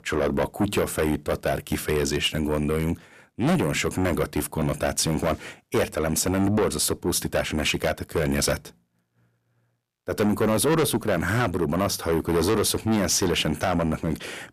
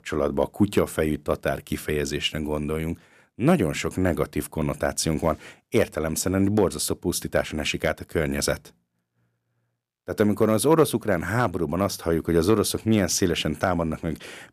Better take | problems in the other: second | distortion; heavy; 6 dB below the speech

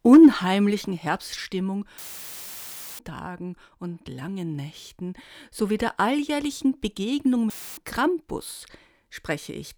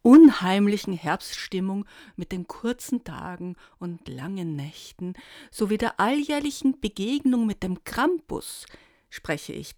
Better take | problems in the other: second | audio cutting out; filled with static; at 2 s for 1 s and at 7.5 s

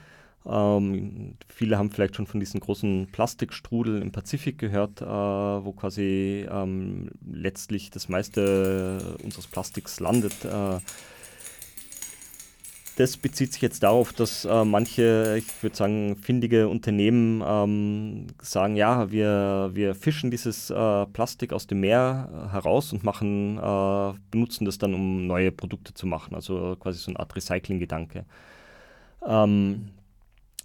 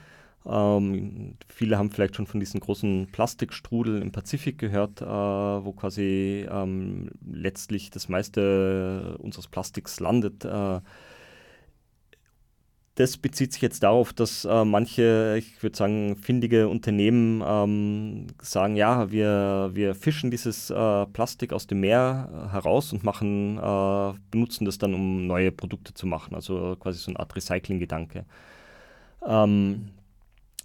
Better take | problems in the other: second | jangling keys; noticeable; from 8.5 to 16 s; peak 10 dB below the speech

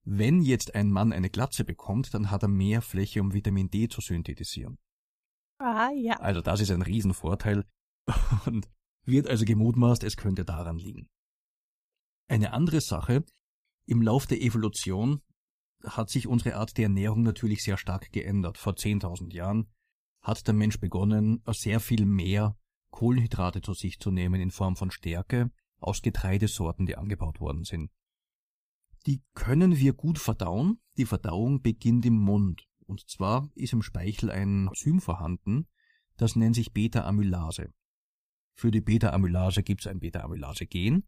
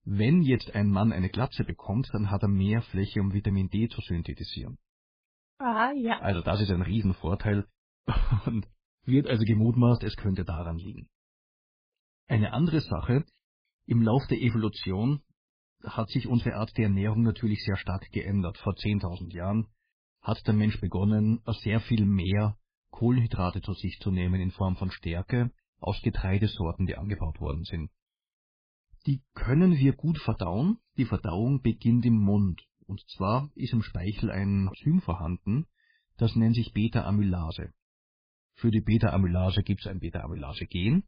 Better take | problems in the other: first | garbled, watery; badly; nothing above 5 kHz

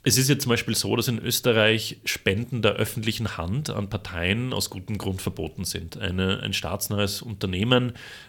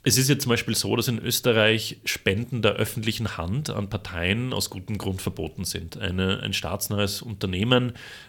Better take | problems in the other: neither | none

